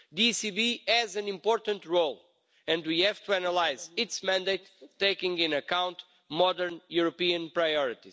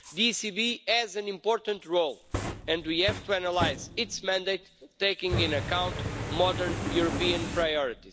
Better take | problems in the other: first | background sound (Fire); 7 dB below the speech

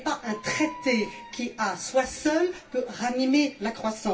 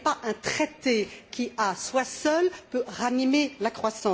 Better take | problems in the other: second | background sound (Squeak); 19 dB below the speech // room echo; dies away in 0.2 s

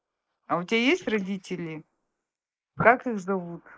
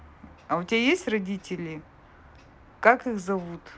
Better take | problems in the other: second | noise reduction (neural mask model Resemble Enhance denoiser)

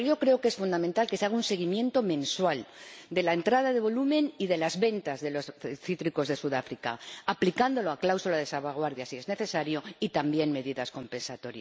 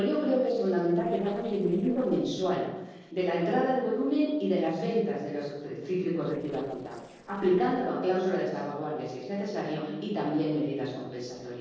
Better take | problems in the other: first | noise reduction (neural separator model SepFormer DNS4)

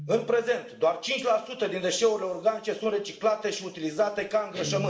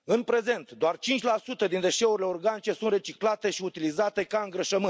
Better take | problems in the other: second | background sound (Guitar); 17 dB below the speech // room echo; dies away in 1.9 s

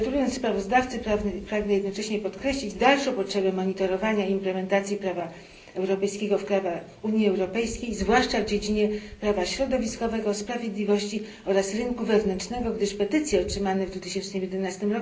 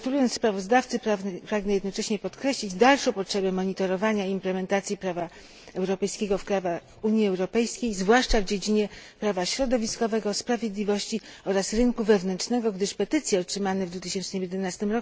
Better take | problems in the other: second | background sound (Wind); 20 dB below the speech // room echo; dies away in 0.5 s

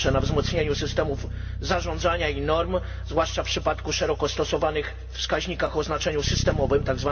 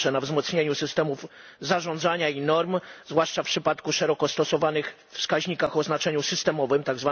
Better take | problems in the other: second | background sound (Bass guitar); 5 dB below the speech // room echo; dies away in 0.6 s

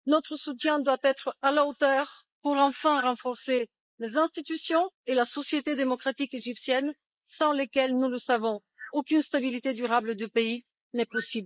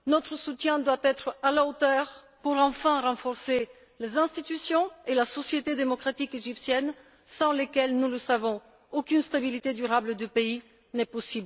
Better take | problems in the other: second | noise reduction (neural mask model Resemble Enhance denoiser)

